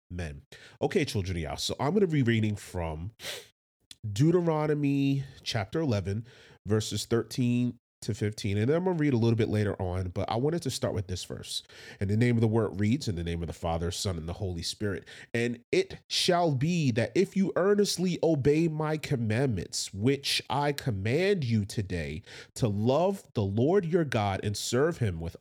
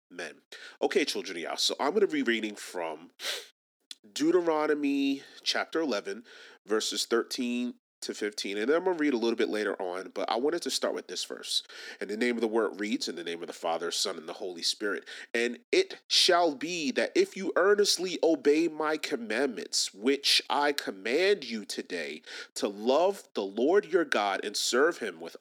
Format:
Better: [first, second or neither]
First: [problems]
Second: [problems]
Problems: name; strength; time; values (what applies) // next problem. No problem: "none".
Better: first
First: none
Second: thin; somewhat; fading below 250 Hz